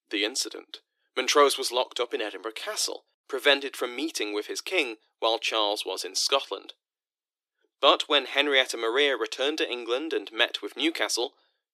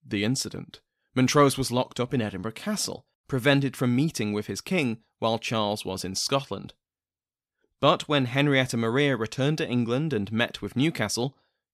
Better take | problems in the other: second | thin; very; fading below 300 Hz

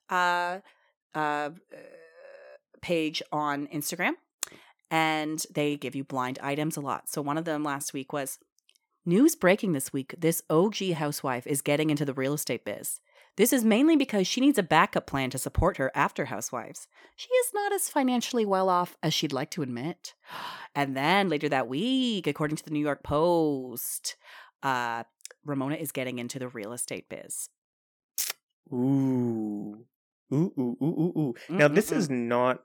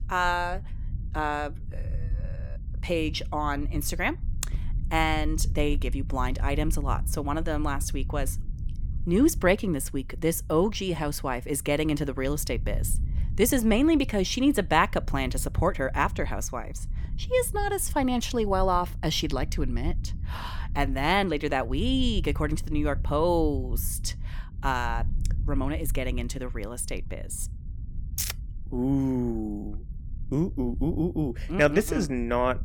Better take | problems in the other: first | low rumble; faint; throughout; 25 dB below the speech

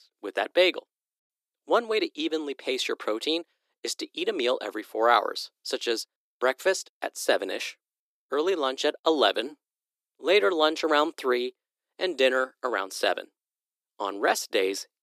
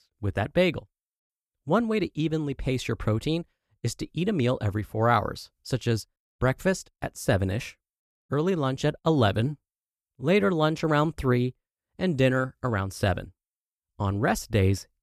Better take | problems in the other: second | thin; very; fading below 300 Hz

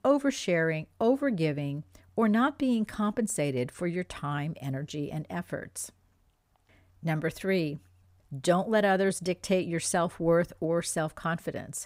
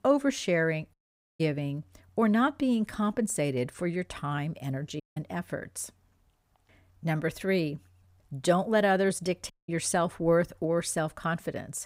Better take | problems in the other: first | audio cutting out; at 1 s, at 5 s and at 9.5 s

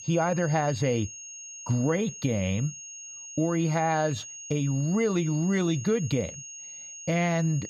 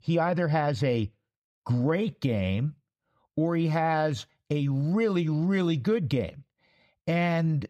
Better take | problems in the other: second | high-pitched whine; noticeable; throughout; 6.5 kHz, 10 dB below the speech

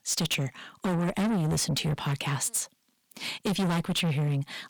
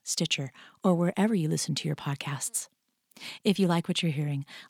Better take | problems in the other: second | distortion; heavy; 5 dB below the speech

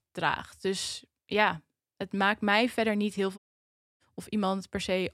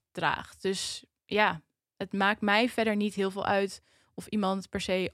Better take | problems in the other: second | audio cutting out; at 3.5 s for 0.5 s

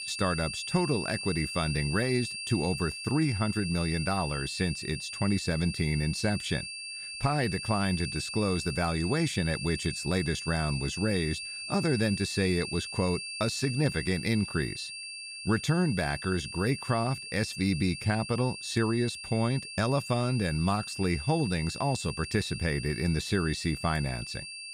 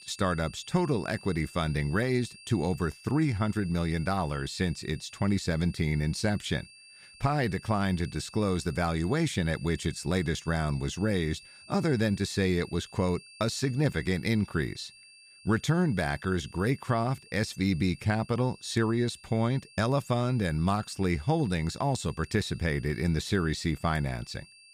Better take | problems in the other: second | high-pitched whine; loud; throughout; 2.5 kHz, 7 dB below the speech; faint in the second

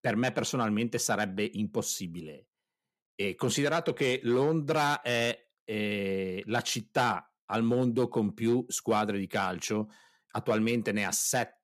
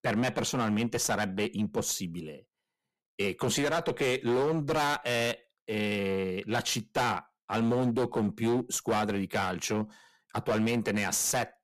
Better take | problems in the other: first | distortion; slight; 11% of the sound clipped

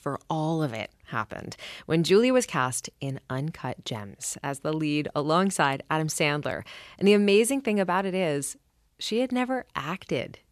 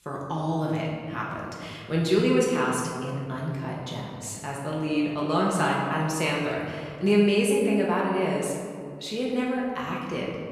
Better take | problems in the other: first | off-mic speech; far // room echo; noticeable; dies away in 1.8 s

